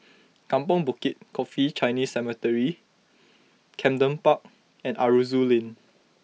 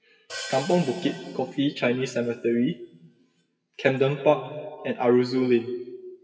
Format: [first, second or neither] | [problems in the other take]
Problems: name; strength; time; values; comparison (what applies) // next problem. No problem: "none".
first | noise reduction (classical method WPE with log-MMSE)